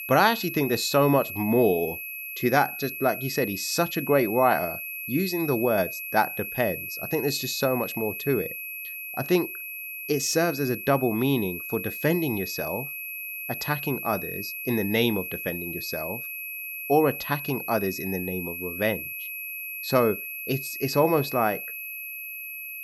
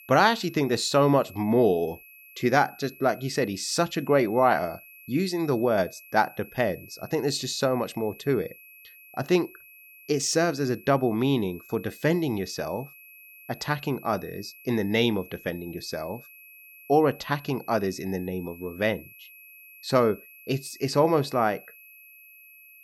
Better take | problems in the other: second | high-pitched whine; loud; throughout; 2.5 kHz, 7 dB below the speech; faint in the second

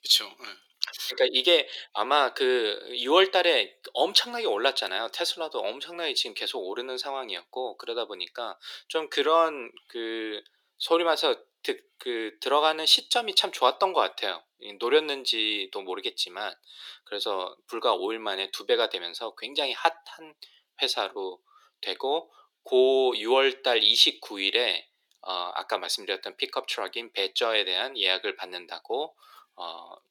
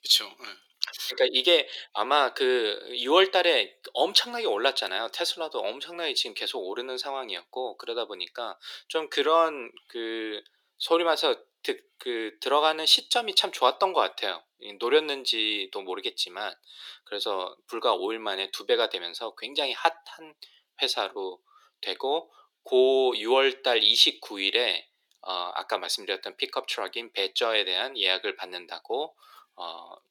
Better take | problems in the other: neither | thin; very; fading below 400 Hz; the same in both

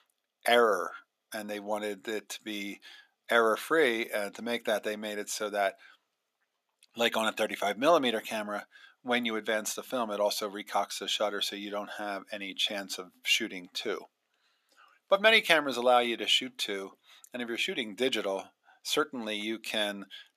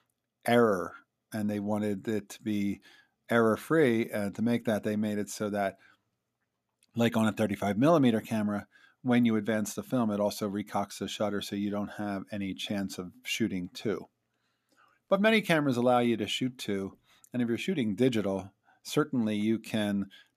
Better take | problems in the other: second | thin; somewhat; fading below 500 Hz

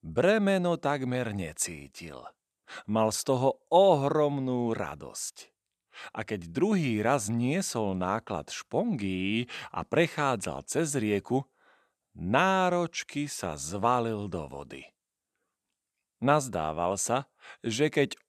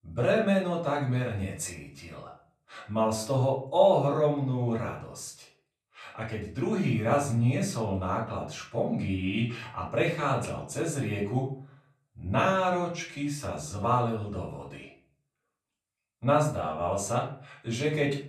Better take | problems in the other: first | off-mic speech; far // room echo; slight; dies away in 0.4 s

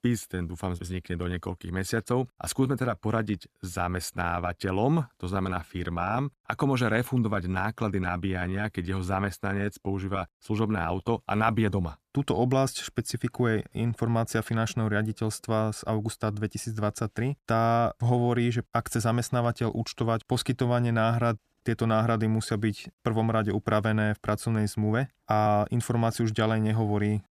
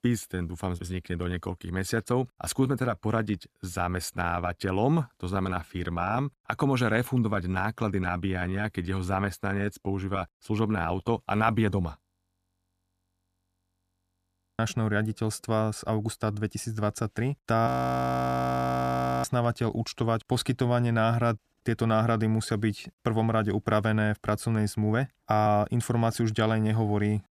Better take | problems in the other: first | audio freezing; at 12 s for 2.5 s and at 18 s for 1.5 s

